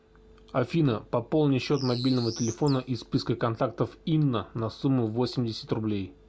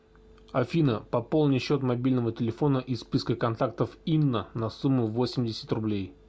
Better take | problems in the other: second | background sound (Bird); 13 dB below the speech

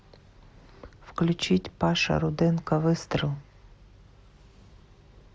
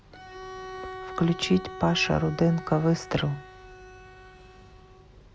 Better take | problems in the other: first | background sound (Bowed string instrument); 14 dB below the speech

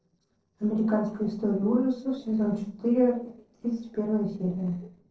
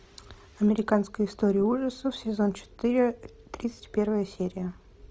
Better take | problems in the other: second | noise reduction (neural separator model SepFormer DNS4)

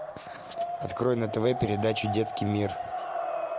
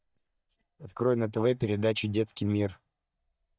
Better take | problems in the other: first | noise reduction (neural mask model DeepFilterNet 3)

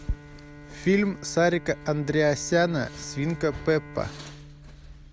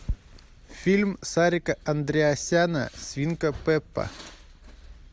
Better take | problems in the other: second | background sound (Bowed string instrument); 17 dB below the speech

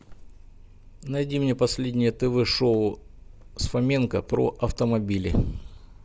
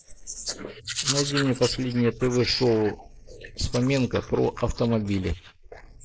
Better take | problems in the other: first | noise reduction (neural mask model Resemble Enhance denoiser)

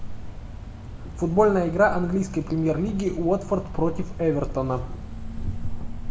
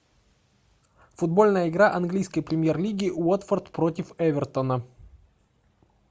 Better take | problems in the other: second | background sound (Cricket); 6 dB below the speech // room echo; dies away in 0.6 s

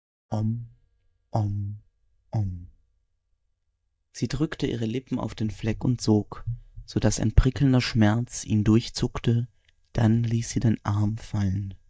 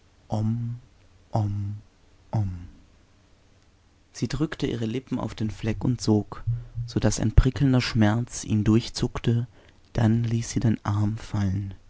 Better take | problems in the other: second | noise reduction (neural mask model DeepFilterNet 3)

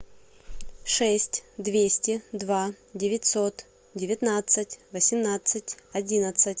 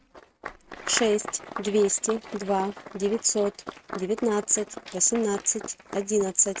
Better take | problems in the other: first | noise reduction (neural mask model RNNoise)

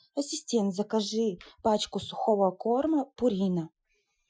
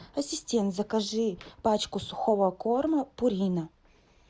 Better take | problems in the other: second | noise reduction (classical method Wiener filter)

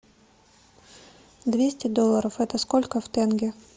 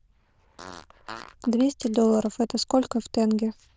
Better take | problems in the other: first | noise reduction (neural diffusion model UNIVERSE++)

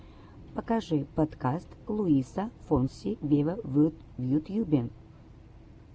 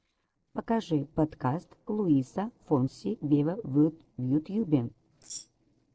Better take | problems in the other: first | noise reduction (neural separator model SepFormer DNS4)

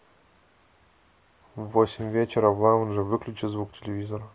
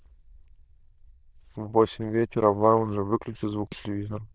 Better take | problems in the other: first | noise reduction (neural diffusion model UNIVERSE++)

